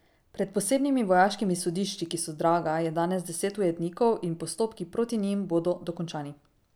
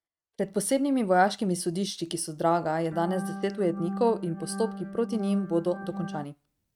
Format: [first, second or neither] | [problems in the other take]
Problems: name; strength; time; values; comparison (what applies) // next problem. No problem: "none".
first | noise reduction (neural mask model RNNoise)